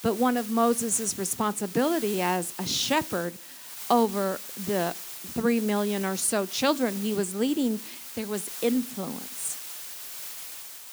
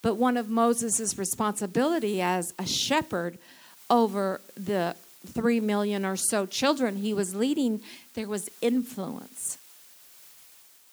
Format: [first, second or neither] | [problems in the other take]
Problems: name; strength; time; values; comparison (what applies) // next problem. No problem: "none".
second | hiss; loud; throughout; 10 dB below the speech; faint in the second